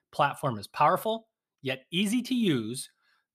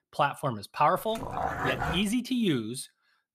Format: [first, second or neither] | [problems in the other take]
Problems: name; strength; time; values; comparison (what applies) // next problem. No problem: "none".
first | dog barking; noticeable; at 1 s; peak 1 dB below the speech